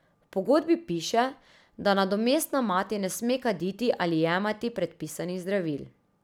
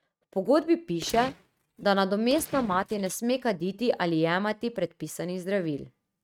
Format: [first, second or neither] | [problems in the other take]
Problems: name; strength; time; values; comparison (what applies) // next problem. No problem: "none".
first | noise reduction (neural mask model RNNoise)